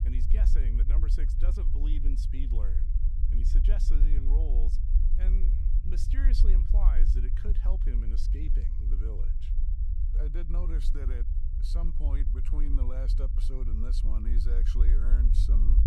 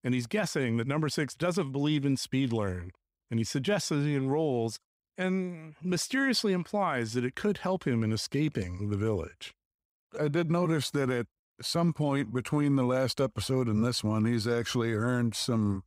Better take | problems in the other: second | low rumble; loud; throughout; 3 dB below the speech

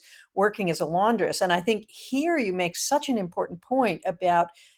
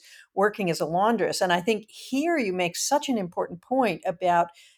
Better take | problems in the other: second | garbled, watery; slightly; nothing above 17.5 kHz

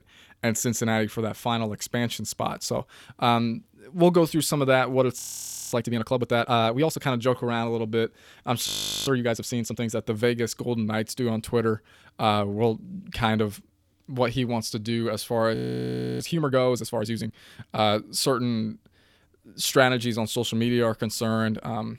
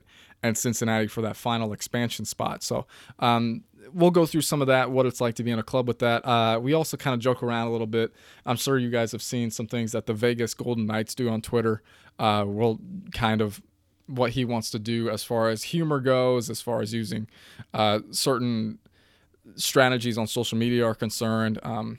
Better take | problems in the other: second | audio freezing; at 5 s for 0.5 s, at 8.5 s and at 16 s for 0.5 s

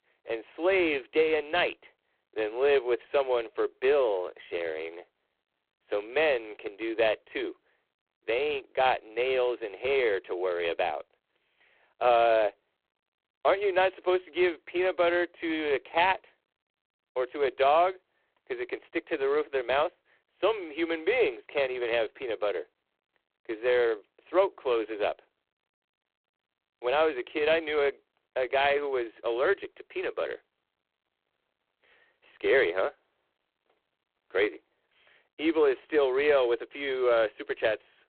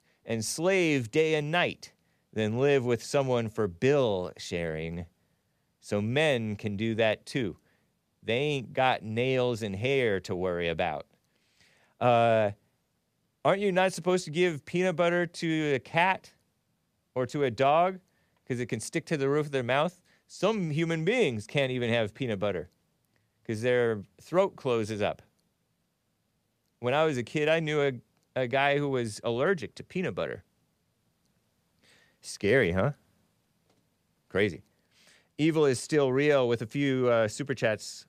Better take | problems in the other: second | phone-call audio; poor line

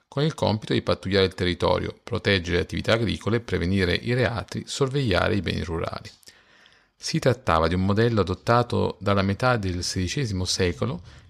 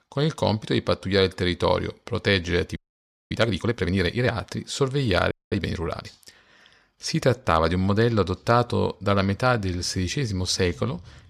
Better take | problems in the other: first | audio freezing; at 3 s for 0.5 s and at 5.5 s

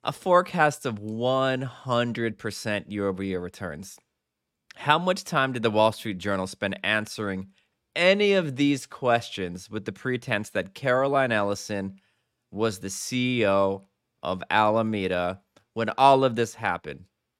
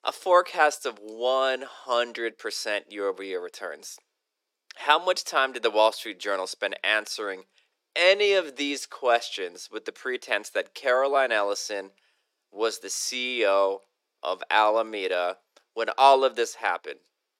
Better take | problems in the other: first | thin; very; fading below 350 Hz

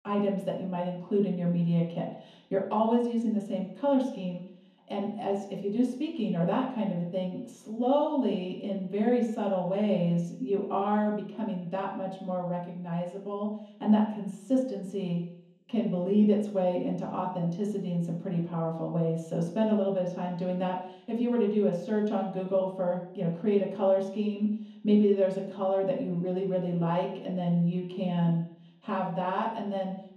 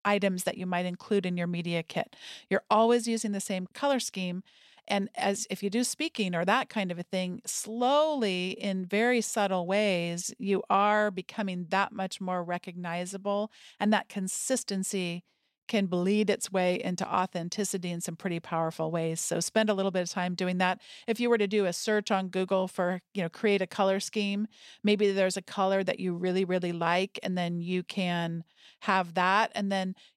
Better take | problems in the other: second | room echo; noticeable; dies away in 0.8 s // off-mic speech; far

